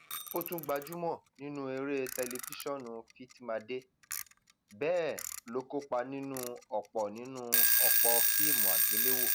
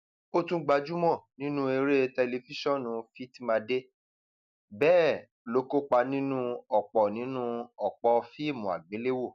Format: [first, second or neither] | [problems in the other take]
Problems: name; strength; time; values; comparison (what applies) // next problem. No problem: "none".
second | background sound (Alarm / Clock); 5 dB above the speech